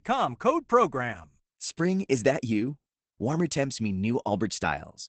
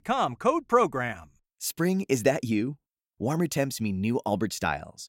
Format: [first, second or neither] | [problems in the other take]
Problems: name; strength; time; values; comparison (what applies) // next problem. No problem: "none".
second | garbled, watery; badly; nothing above 8 kHz